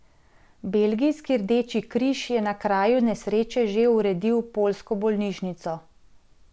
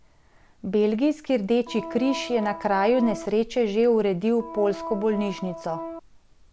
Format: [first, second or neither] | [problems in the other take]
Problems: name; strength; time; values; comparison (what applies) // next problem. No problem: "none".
first | background sound (Organ); 11 dB below the speech